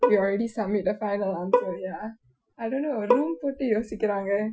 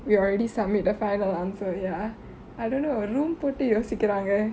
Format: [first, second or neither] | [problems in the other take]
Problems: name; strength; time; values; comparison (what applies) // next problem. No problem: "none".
second | noise reduction (classical method Wiener filter)